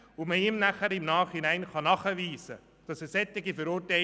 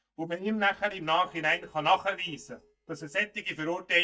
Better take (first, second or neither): first